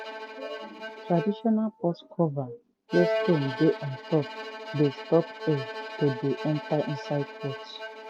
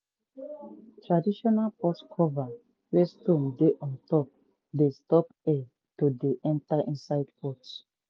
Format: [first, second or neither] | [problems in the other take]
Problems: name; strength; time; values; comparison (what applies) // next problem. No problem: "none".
second | background sound (Bowed string instrument); 8 dB below the speech